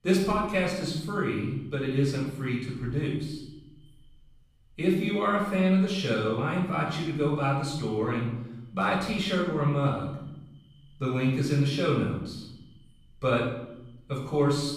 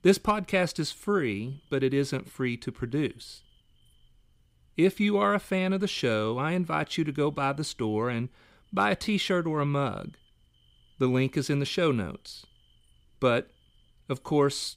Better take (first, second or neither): second